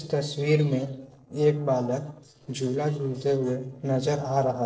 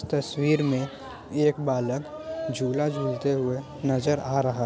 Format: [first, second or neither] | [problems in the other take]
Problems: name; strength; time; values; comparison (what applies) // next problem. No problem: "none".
second | noise reduction (neural separator model SepFormer DNS4)